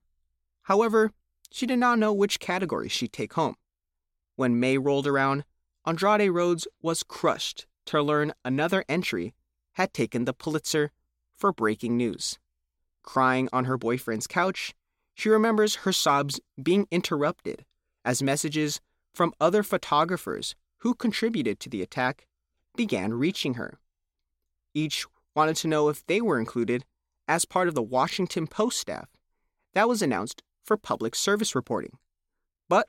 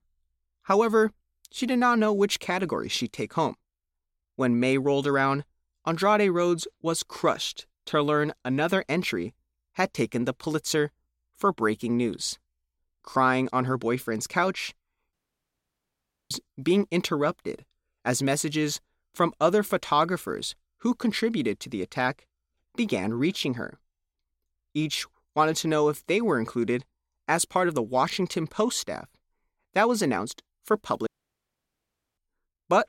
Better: first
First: none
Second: audio cutting out; at 15 s for 1 s and at 31 s for 1 s

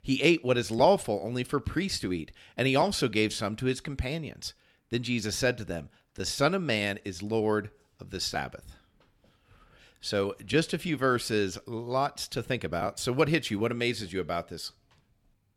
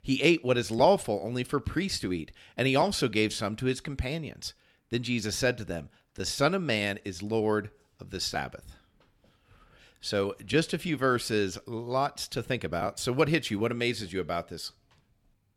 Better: neither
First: none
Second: none

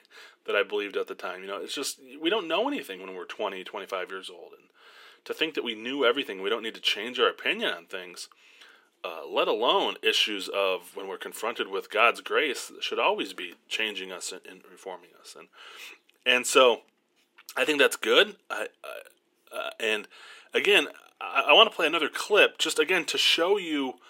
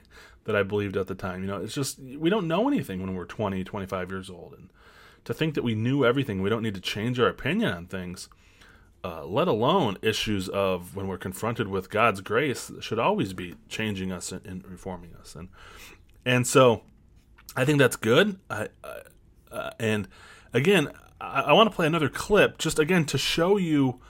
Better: second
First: thin; somewhat; fading below 300 Hz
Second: none

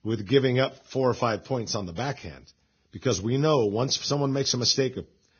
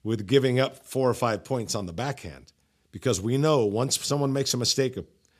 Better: second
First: garbled, watery; badly; nothing above 6.5 kHz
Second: none

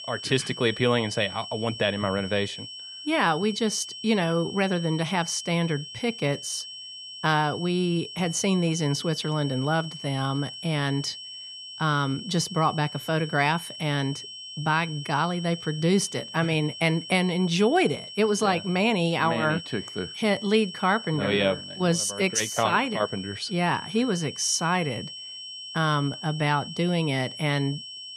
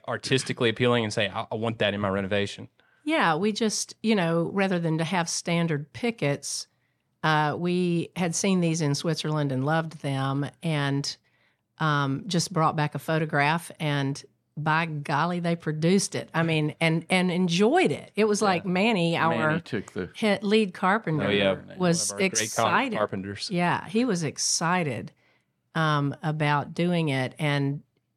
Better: second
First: high-pitched whine; noticeable; throughout; 3 kHz, 10 dB below the speech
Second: none

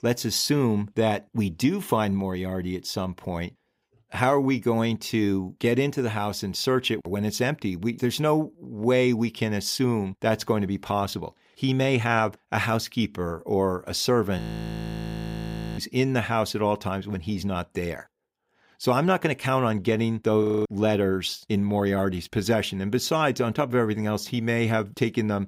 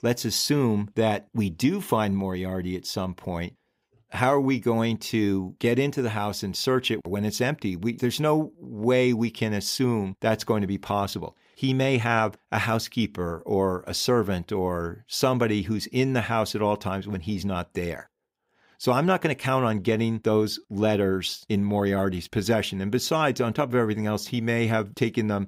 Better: second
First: audio freezing; at 14 s for 1.5 s and at 20 s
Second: none

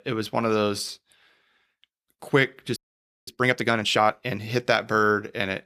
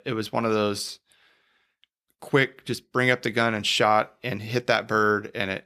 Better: second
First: audio freezing; at 3 s for 0.5 s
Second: none

